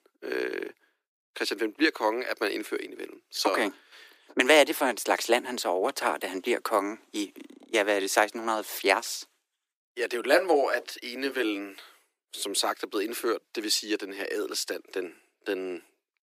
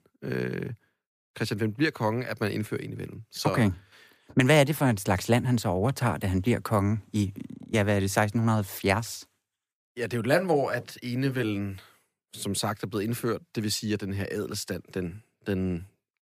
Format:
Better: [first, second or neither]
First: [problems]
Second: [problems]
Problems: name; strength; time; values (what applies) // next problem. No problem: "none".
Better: second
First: thin; very; fading below 300 Hz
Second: none